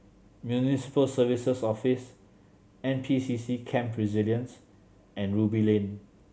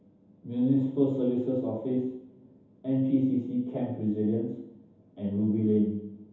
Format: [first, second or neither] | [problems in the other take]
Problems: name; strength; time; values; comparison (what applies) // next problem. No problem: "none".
first | room echo; dies away in 0.9 s